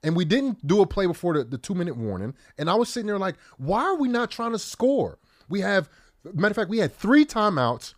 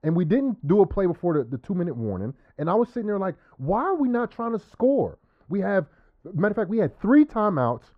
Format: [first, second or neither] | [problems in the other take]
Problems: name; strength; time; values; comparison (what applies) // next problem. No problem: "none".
first | muffled; very; fading above 2.5 kHz